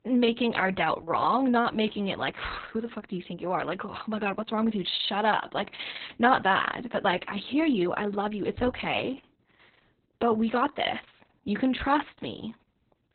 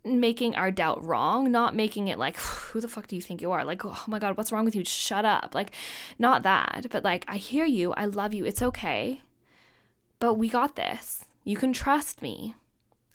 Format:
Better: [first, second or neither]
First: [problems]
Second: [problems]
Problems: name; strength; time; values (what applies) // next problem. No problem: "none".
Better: second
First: garbled, watery; badly; nothing above 4 kHz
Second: garbled, watery; slightly